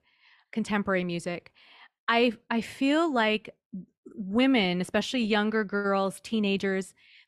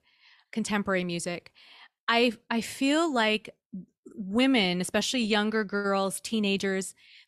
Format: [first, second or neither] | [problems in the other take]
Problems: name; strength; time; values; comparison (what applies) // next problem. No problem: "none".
second | muffled; very slightly; fading above 4 kHz